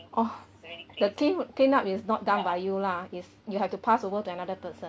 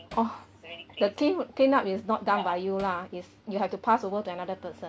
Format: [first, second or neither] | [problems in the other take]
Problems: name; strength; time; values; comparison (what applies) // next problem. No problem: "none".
first | background sound (Hammer); 20 dB below the speech